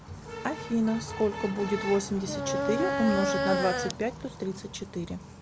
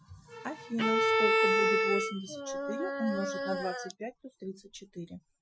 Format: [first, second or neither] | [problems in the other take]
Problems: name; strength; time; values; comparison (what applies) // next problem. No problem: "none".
first | noise reduction (classical method Wiener filter)